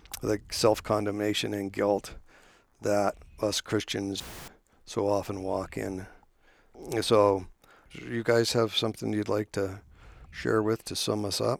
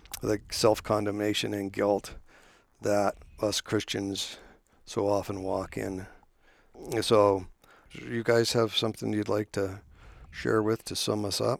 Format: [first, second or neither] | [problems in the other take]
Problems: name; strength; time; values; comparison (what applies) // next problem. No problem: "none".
second | audio cutting out; filled with static; at 4 s